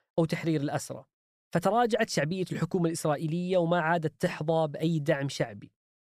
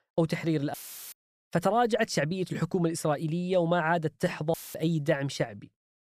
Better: first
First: none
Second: audio cutting out; filled with static; at 0.5 s and at 4.5 s

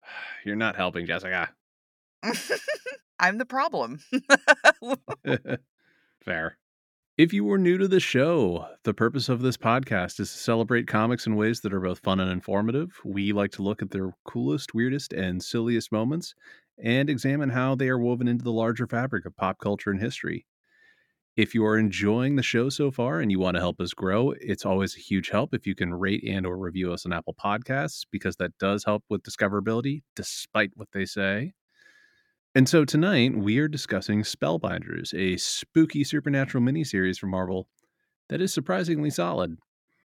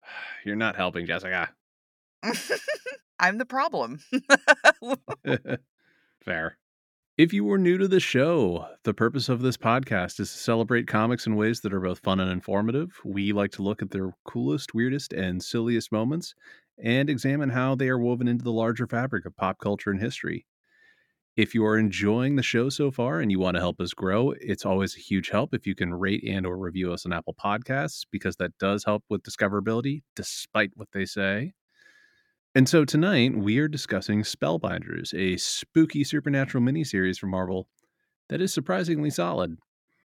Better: neither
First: none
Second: none

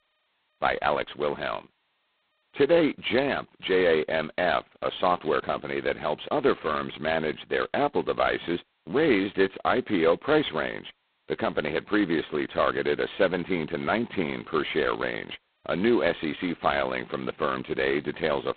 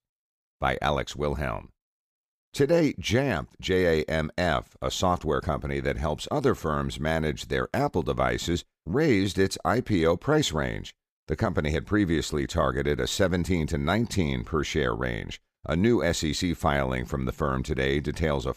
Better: second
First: phone-call audio; poor line; nothing above 4 kHz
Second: none

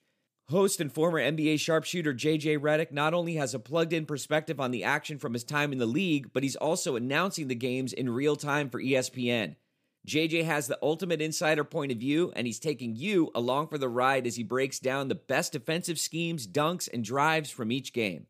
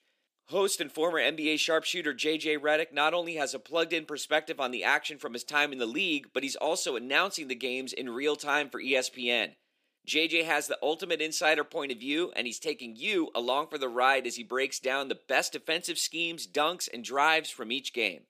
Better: first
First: none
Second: thin; somewhat; fading below 300 Hz

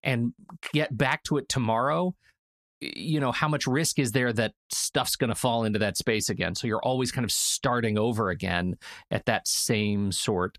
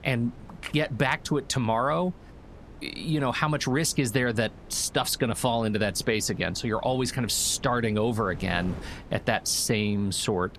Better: first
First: none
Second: wind noise on the microphone; occasional gusts; 25 dB below the speech

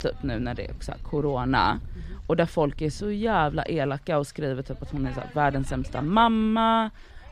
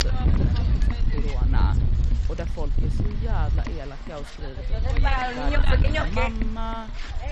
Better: first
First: wind noise on the microphone; occasional gusts; 25 dB below the speech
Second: wind noise on the microphone; heavy; 5 dB above the speech

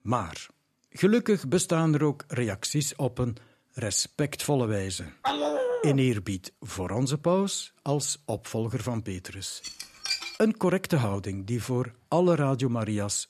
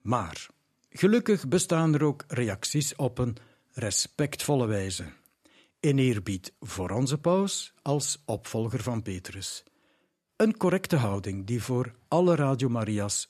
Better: second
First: dog barking; loud; at 5 s; peak 1 dB above the speech // clattering dishes; noticeable; at 9.5 s; peak 2 dB below the speech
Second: none

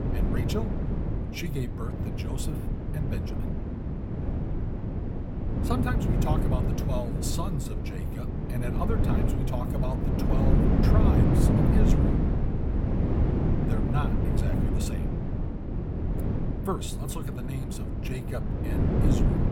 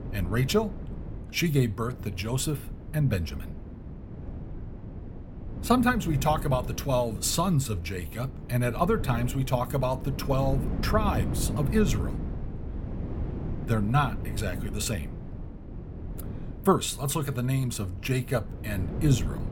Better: second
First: wind noise on the microphone; heavy; 2 dB above the speech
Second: wind noise on the microphone; occasional gusts; 15 dB below the speech

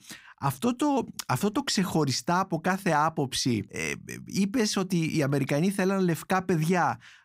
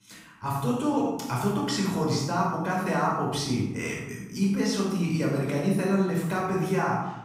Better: first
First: none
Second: off-mic speech; far // room echo; noticeable; dies away in 0.8 s

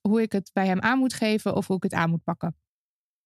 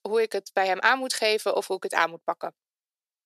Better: first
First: none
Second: thin; very; fading below 450 Hz

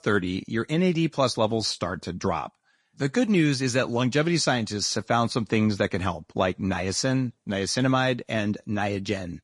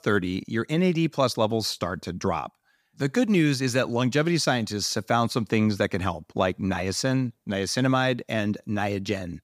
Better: second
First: garbled, watery; slightly; nothing above 10 kHz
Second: none

